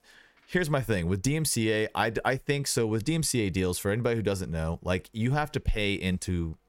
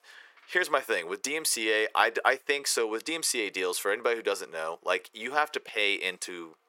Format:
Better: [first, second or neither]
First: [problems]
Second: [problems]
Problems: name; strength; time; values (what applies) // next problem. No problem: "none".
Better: first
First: none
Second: thin; very; fading below 400 Hz